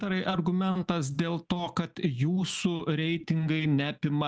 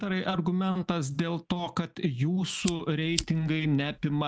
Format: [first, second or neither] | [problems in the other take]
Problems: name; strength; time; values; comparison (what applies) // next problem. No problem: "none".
first | background sound (Fire); 11 dB below the speech